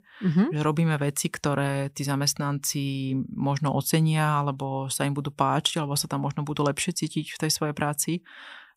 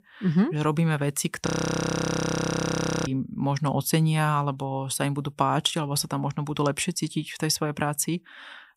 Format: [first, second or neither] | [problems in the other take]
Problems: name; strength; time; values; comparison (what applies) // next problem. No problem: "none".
first | audio freezing; at 1.5 s for 1.5 s